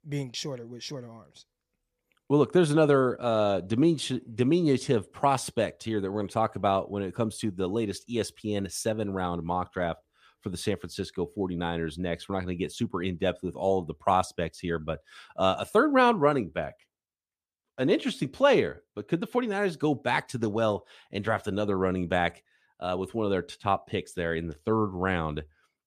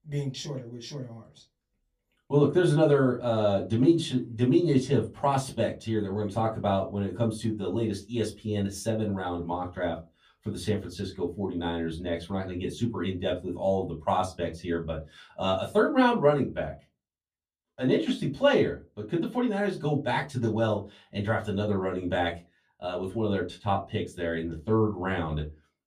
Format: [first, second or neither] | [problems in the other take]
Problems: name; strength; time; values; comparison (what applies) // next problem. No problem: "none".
first | off-mic speech; far // room echo; very slight; dies away in 0.2 s